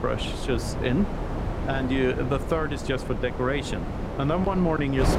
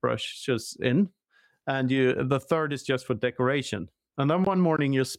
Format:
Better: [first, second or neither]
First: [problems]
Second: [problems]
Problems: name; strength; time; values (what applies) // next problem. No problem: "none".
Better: second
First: wind noise on the microphone; heavy; 6 dB below the speech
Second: none